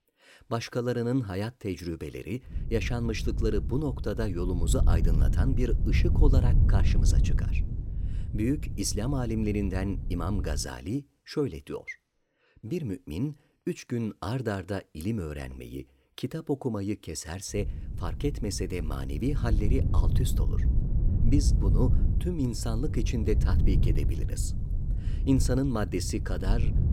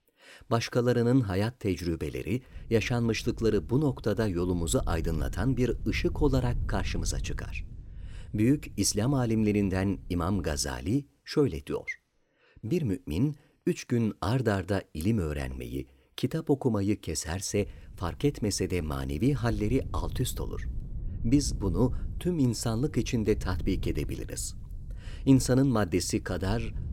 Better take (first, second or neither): second